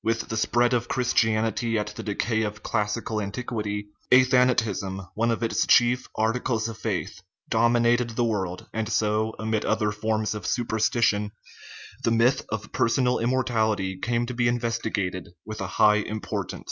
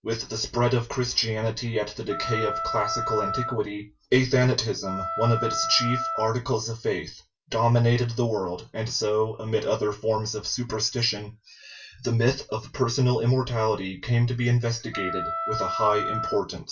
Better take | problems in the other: first | background sound (Wind instrument, woodwind instrument); 5 dB below the speech // room echo; dies away in 0.2 s

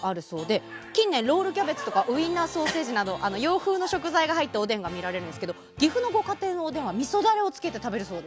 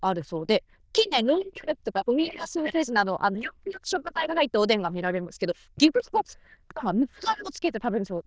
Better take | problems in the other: first | noise reduction (neural diffusion model UNIVERSE++)

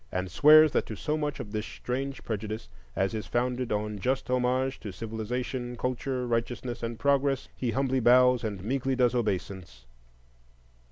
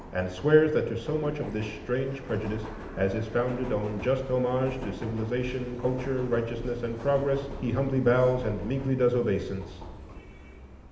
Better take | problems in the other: first | background sound (Subway, metro, underground); 12 dB below the speech // room echo; dies away in 0.8 s

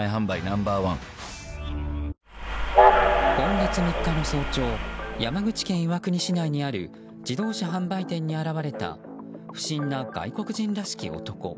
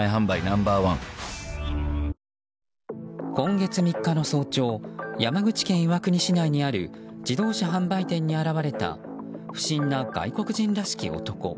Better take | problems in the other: second | background sound (Train); 5 dB above the speech

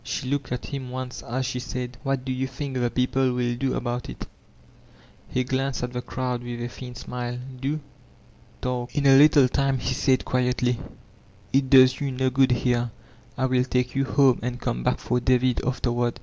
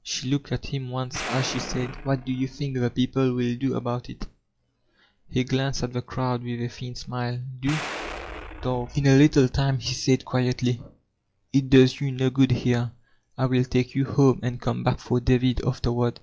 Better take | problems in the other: first | noise reduction (classical method log-MMSE)

